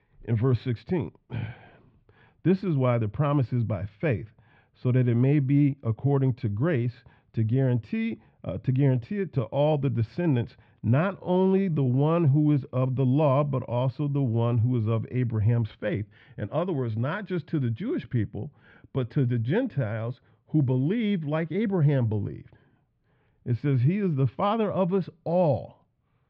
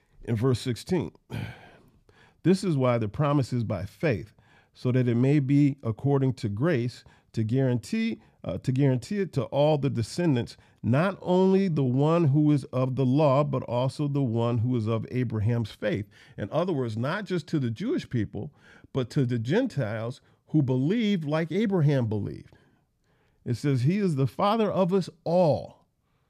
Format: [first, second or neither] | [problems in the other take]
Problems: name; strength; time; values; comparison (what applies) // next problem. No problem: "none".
second | muffled; slightly; fading above 3 kHz